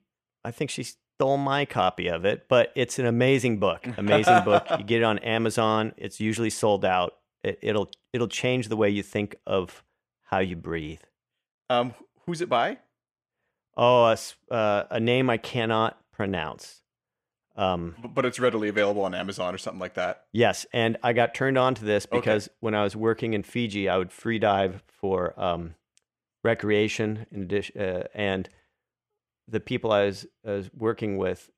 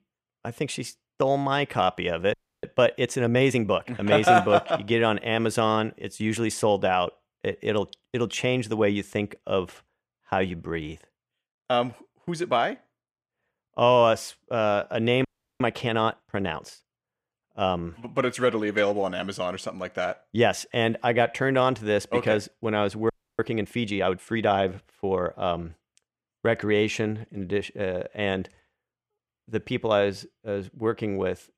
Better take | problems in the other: first | audio freezing; at 2.5 s, at 15 s and at 23 s

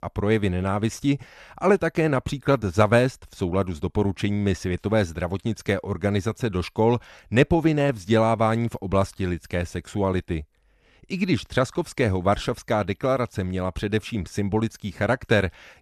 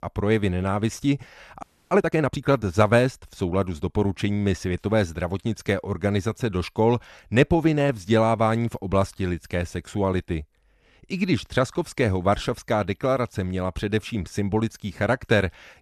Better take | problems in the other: first | audio freezing; at 1.5 s

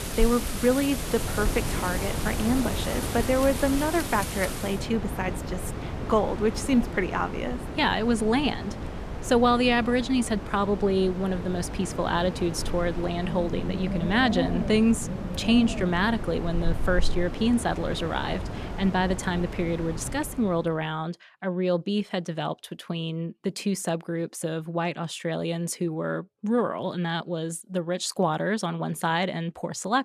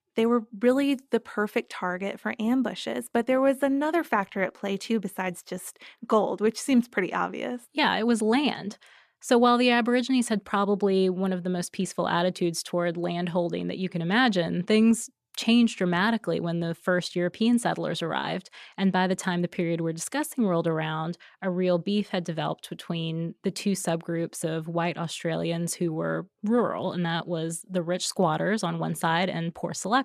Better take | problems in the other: second | wind in the background; loud; until 20 s; 6 dB below the speech

